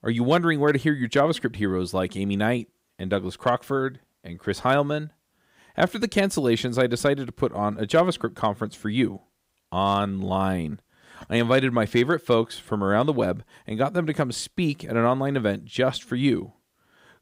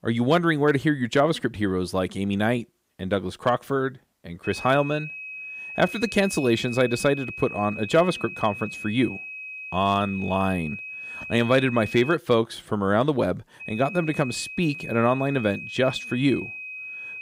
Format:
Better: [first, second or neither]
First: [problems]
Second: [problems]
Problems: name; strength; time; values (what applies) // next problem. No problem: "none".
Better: first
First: none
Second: high-pitched whine; noticeable; from 4.5 to 12 s and from 14 s on; 2.5 kHz, 10 dB below the speech